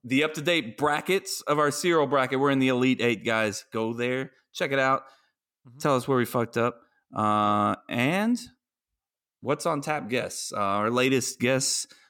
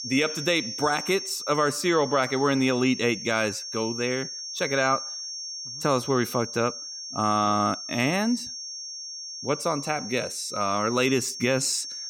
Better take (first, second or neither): first